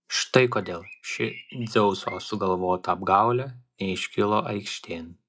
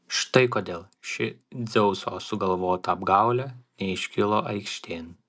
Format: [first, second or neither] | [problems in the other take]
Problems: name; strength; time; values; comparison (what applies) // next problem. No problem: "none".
second | noise reduction (classical method log-MMSE)